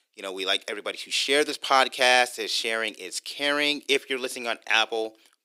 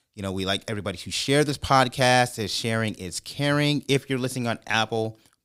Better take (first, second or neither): second